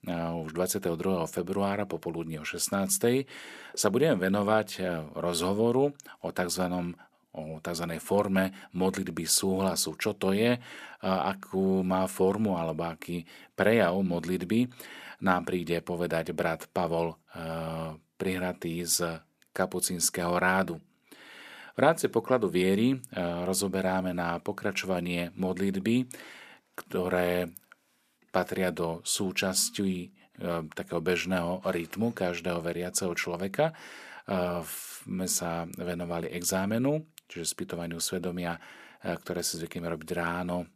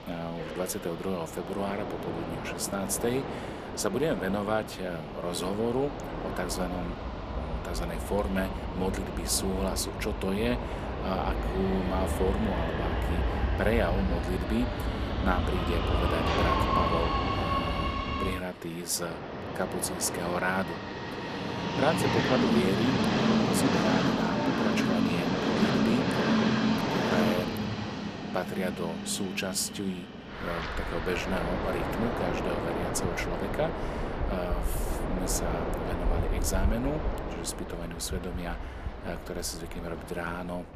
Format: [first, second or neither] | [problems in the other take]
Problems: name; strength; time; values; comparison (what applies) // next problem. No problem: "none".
first | train or aircraft noise; very loud; throughout; 2 dB above the speech